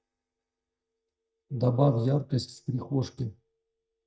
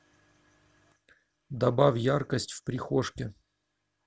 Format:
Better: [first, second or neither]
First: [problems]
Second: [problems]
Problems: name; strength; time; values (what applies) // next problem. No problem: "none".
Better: second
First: noise reduction (neural mask model DeepFilterNet 3)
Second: none